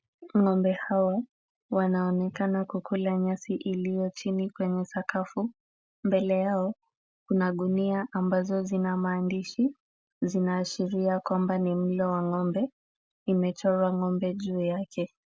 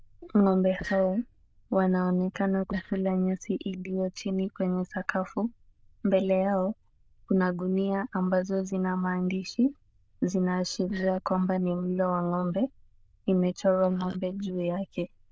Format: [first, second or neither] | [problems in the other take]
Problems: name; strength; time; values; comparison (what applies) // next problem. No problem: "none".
first | noise reduction (neural diffusion model UNIVERSE++)